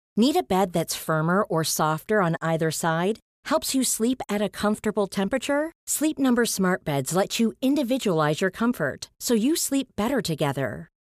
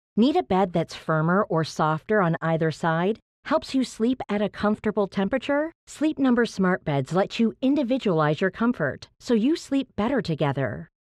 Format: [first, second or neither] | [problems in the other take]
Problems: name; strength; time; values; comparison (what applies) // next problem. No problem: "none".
first | muffled; slightly; fading above 3 kHz